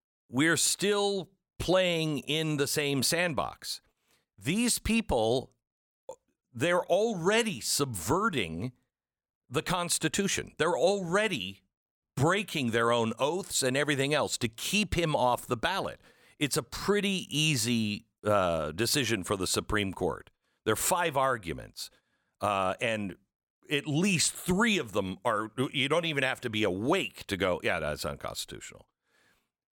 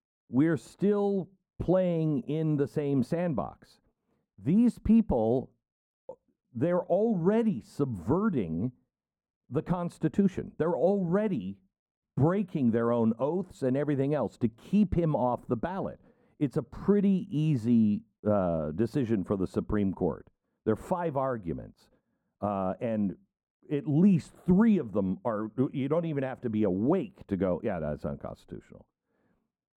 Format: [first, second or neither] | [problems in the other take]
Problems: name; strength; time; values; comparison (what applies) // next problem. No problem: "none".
first | muffled; very; fading above 1.5 kHz